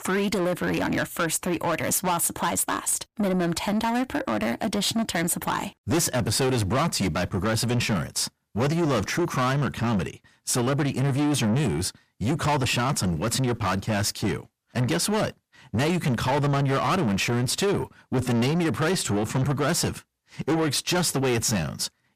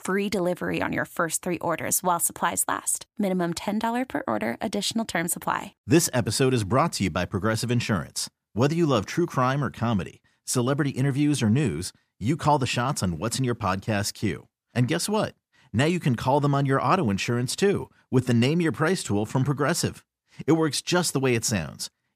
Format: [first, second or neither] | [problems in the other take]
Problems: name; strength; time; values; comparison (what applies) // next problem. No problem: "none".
second | distortion; heavy; 7 dB below the speech